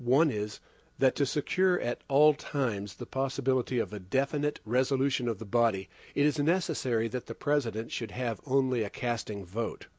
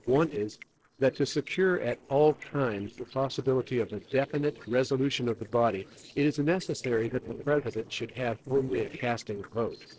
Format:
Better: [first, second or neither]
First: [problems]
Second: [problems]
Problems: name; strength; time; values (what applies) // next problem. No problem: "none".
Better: first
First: none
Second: noise reduction (neural separator model SepFormer DNS4)